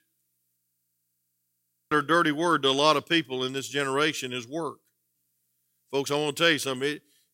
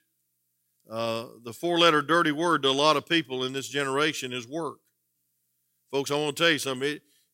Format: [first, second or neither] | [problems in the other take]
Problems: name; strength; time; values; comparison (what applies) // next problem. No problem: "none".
second | audio freezing; at 0.5 s for 1.5 s